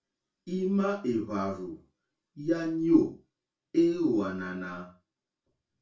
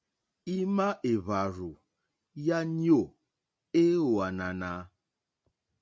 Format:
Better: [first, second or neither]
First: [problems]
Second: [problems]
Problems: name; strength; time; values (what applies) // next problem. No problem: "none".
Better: second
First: room echo; dies away in 0.3 s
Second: none